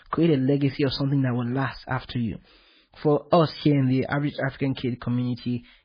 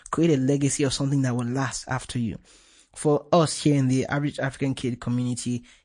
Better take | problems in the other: second | garbled, watery; badly; nothing above 5 kHz; slightly in the second

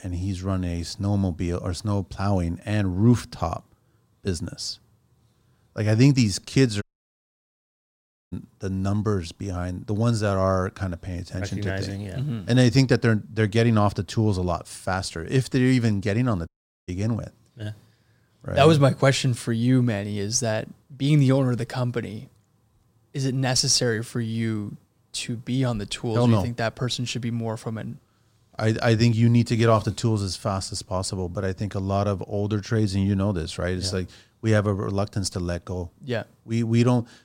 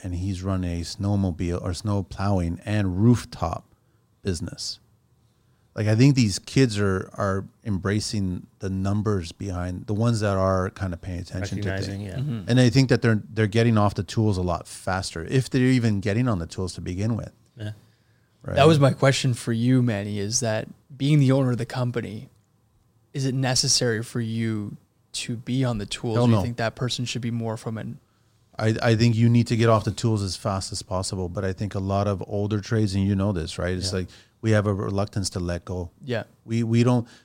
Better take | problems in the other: second | audio cutting out; at 7 s for 1.5 s and at 16 s

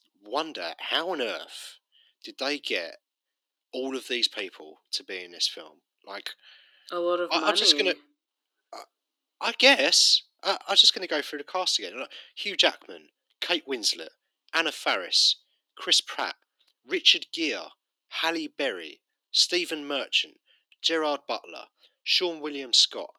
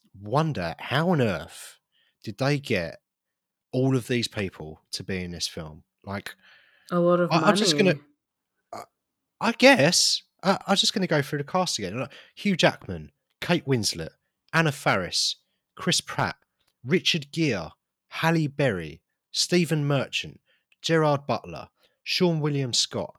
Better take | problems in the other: second | thin; somewhat; fading below 300 Hz

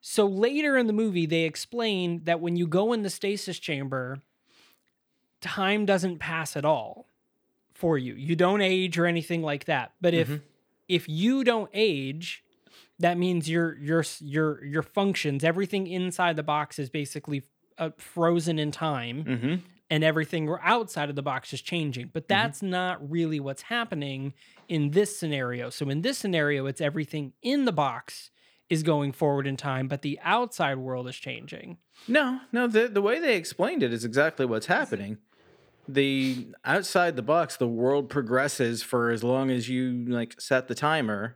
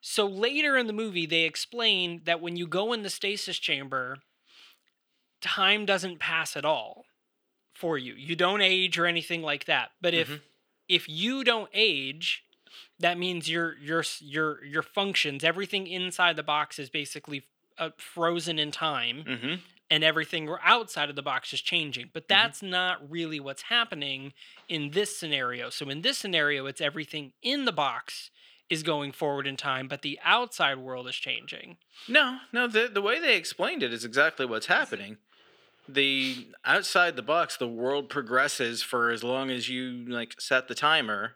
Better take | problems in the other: first | thin; somewhat; fading below 750 Hz

